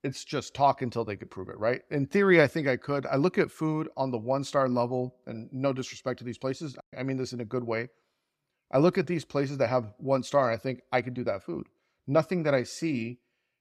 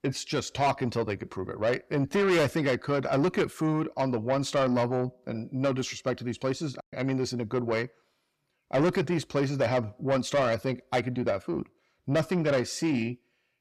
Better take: first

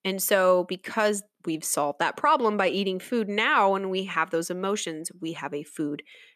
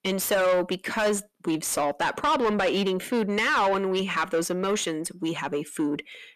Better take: first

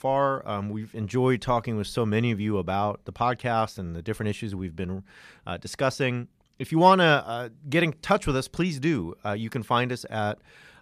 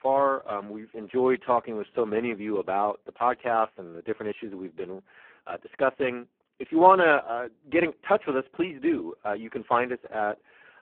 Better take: first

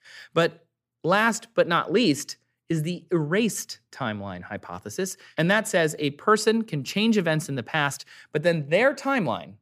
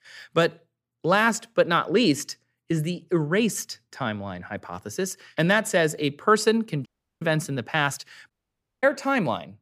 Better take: first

